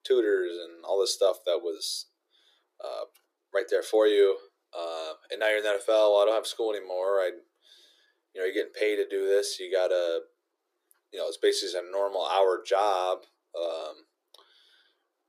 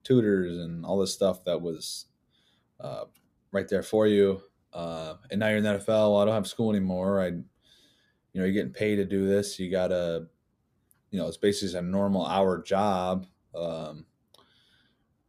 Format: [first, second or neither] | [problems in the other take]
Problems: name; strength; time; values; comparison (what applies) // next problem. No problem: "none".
second | thin; very; fading below 350 Hz